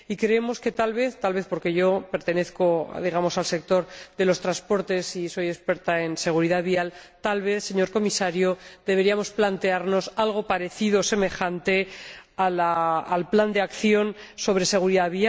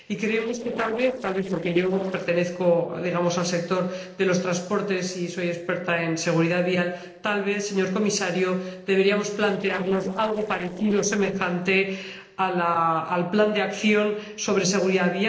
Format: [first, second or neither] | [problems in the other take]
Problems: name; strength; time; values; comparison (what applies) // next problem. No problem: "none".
first | noise reduction (neural separator model SepFormer DNS4)